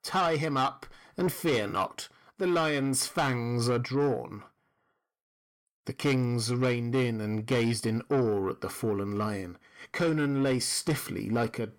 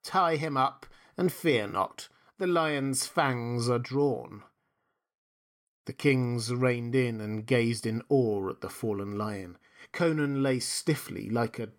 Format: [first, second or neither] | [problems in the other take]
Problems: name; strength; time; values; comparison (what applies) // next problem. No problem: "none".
second | distortion; slight; 10 dB below the speech